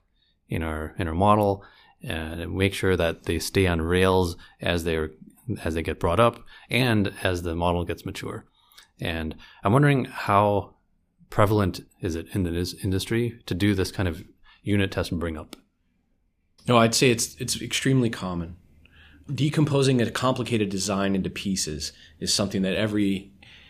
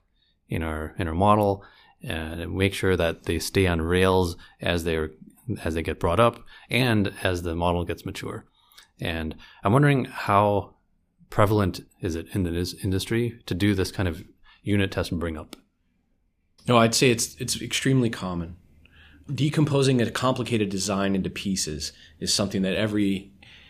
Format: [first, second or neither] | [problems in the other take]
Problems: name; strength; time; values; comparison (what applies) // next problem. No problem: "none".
neither | none